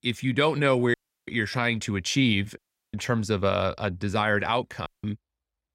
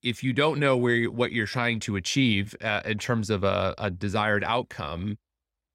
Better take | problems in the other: second | audio cutting out; at 1 s, at 2.5 s and at 5 s

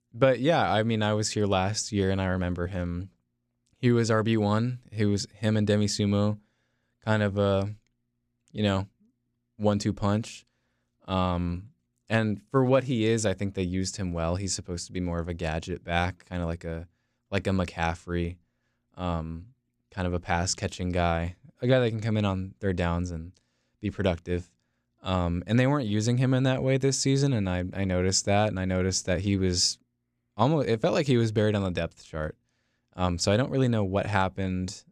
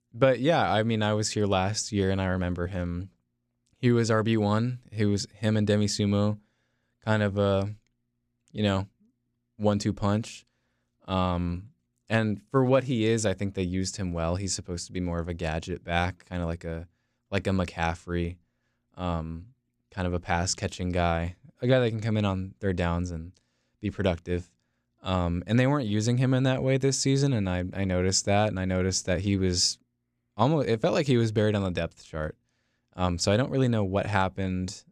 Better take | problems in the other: neither | none

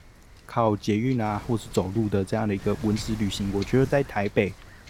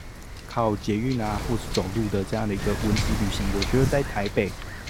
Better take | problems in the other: first | wind noise on the microphone; heavy; 5 dB below the speech; occasional gusts in the first

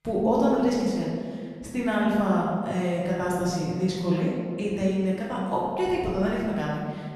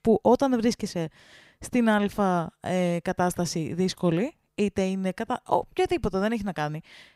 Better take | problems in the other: second | off-mic speech; far // room echo; noticeable; dies away in 1.6 s

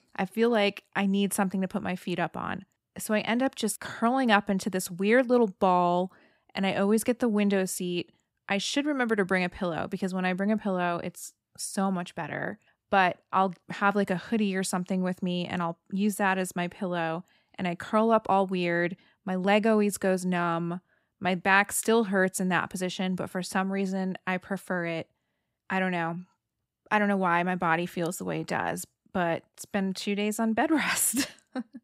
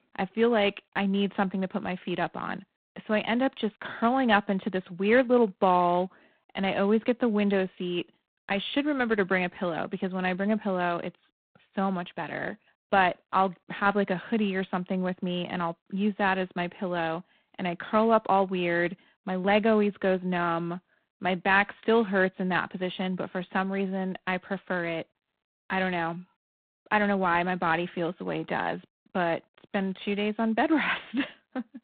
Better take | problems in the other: first | phone-call audio; poor line; nothing above 3.5 kHz

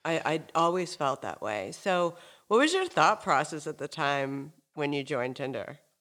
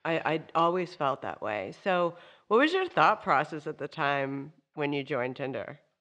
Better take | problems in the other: first | muffled; slightly; fading above 2.5 kHz

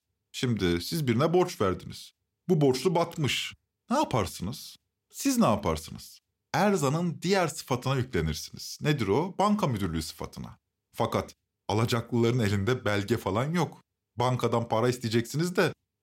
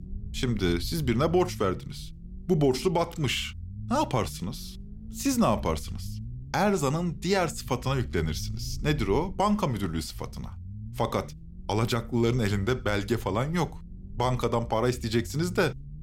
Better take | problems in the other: first | low rumble; faint; throughout; 25 dB below the speech

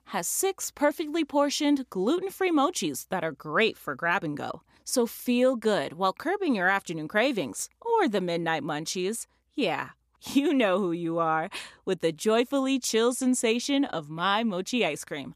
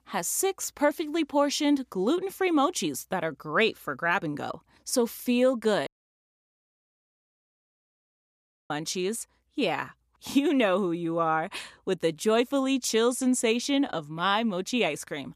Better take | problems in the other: first | audio cutting out; at 6 s for 3 s

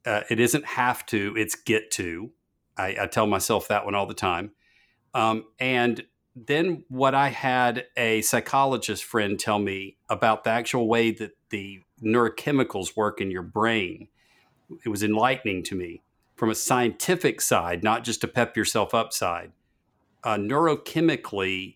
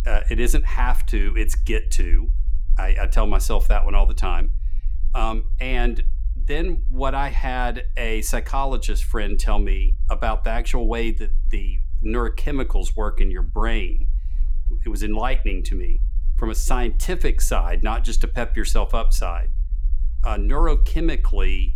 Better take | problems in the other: first | low rumble; faint; throughout; 25 dB below the speech

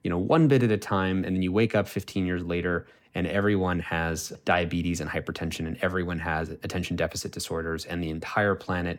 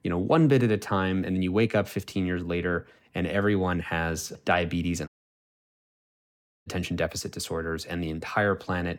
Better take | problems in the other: first | audio cutting out; at 5 s for 1.5 s

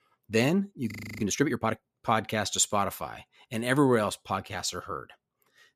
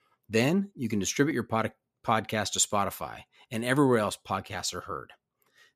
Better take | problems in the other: second | audio freezing; at 1 s

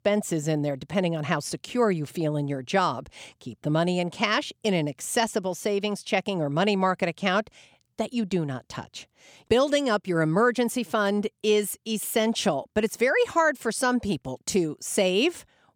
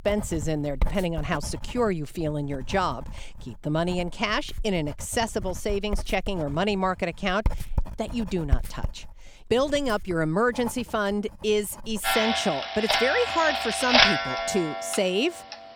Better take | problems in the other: first | household noises; loud; throughout; as loud as the speech

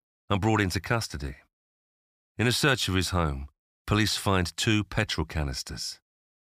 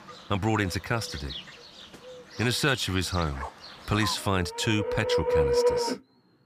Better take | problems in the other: first | animal sounds; loud; throughout; 3 dB below the speech

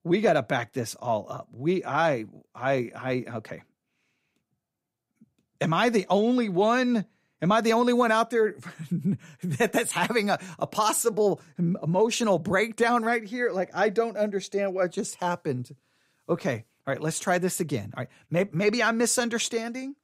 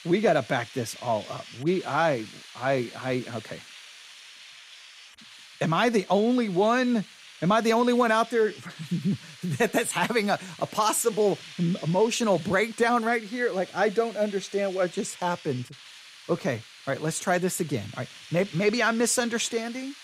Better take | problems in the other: first | hiss; noticeable; throughout; 20 dB below the speech

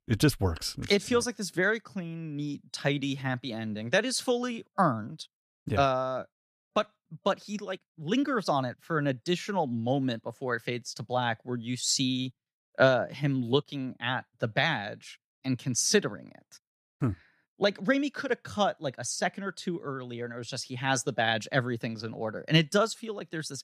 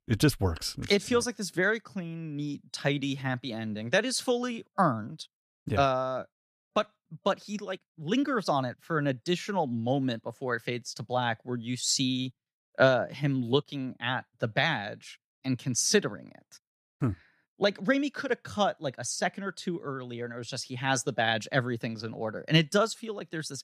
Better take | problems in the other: neither | none

